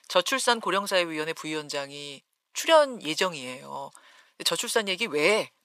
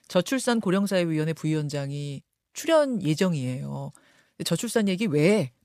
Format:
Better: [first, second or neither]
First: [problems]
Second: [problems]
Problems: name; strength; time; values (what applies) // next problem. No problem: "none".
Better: second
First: thin; very; fading below 500 Hz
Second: none